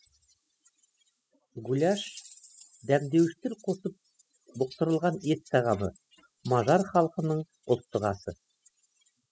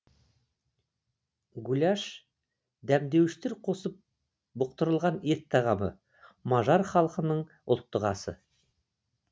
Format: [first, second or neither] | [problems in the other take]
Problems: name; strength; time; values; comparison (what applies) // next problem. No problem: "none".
second | noise reduction (classical method spectral subtraction)